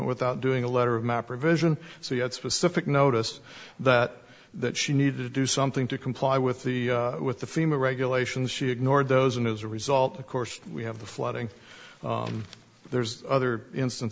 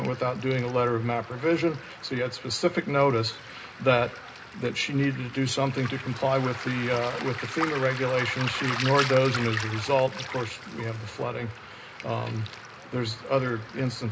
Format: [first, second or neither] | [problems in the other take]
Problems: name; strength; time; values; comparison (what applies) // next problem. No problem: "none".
first | background sound (Waves, surf); 10 dB below the speech // room echo; dies away in 0.2 s